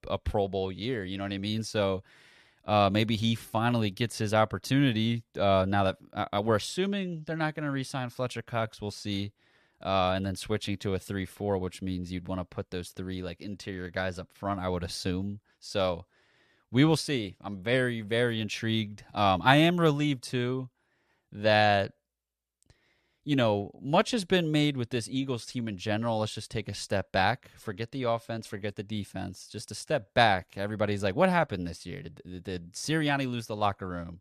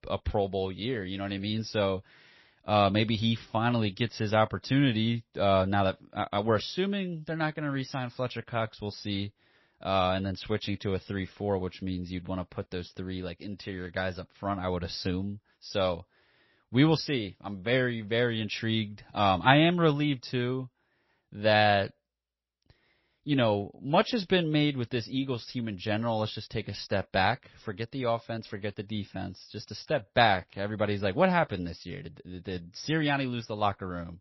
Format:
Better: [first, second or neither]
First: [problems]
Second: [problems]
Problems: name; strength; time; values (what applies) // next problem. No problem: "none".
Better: first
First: none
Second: garbled, watery; slightly; nothing above 5.5 kHz